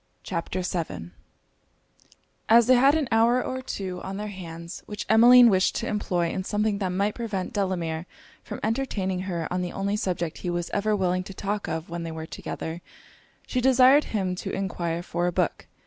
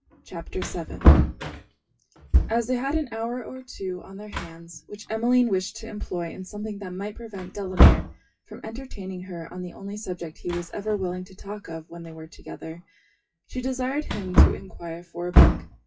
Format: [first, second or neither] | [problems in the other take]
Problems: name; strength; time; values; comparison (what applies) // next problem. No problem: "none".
first | noise reduction (classical method WPE with log-MMSE)